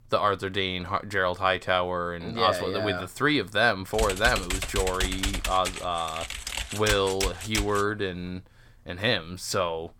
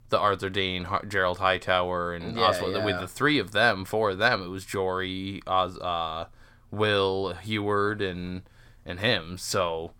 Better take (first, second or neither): second